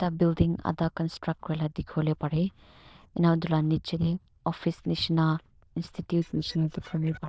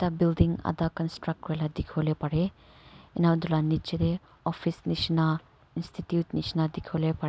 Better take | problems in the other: second | noise reduction (neural diffusion model UNIVERSE++)

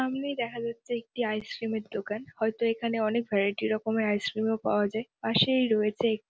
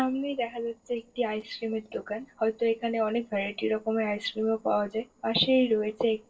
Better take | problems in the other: first | noise reduction (neural separator model SepFormer DNS4)

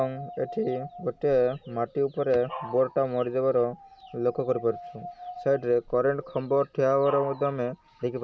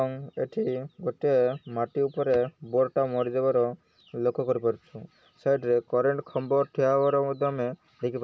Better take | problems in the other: second | background sound (Dog); 17 dB below the speech

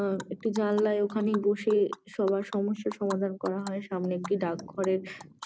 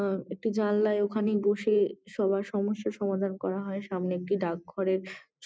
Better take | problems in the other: second | background sound (Animal); 16 dB below the speech

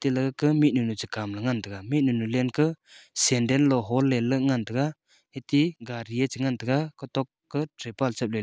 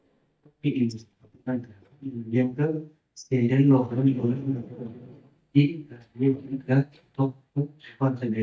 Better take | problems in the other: first | noise reduction (neural mask model DeepFilterNet 3)

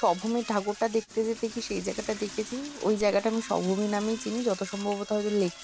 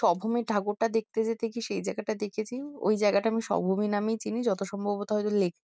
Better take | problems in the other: second | background sound (Toilet flush / Door); 15 dB below the speech

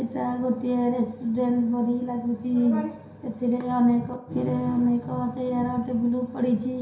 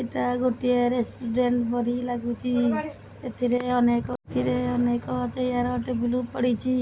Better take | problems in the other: second | room echo; dies away in 0.7 s

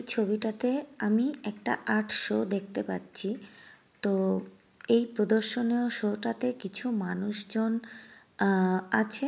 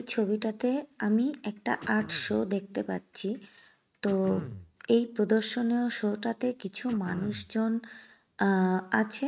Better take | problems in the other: first | noise reduction (neural mask model RNNoise)

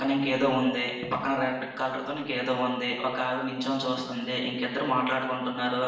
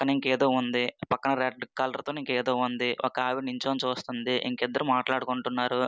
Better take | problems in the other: second | room echo; dies away in 1 s

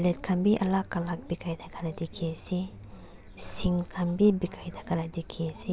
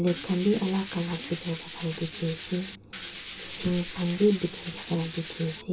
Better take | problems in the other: first | background sound (Tools); 12 dB below the speech // room echo; dies away in 0.2 s

